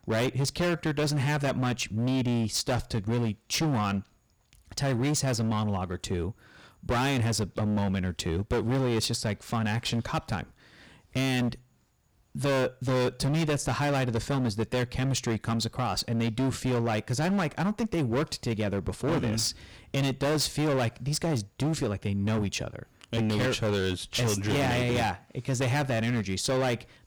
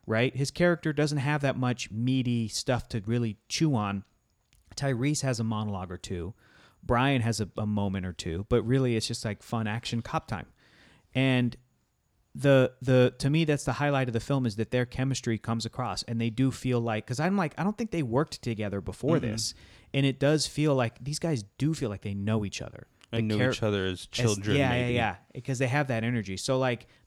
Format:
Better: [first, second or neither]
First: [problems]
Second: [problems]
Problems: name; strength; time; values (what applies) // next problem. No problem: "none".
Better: second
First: distortion; heavy; 21% of the sound clipped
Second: none